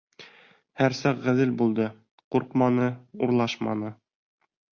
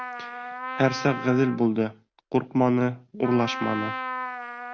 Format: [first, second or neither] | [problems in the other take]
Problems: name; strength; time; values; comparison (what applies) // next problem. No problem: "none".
first | background sound (Trumpet); 9 dB below the speech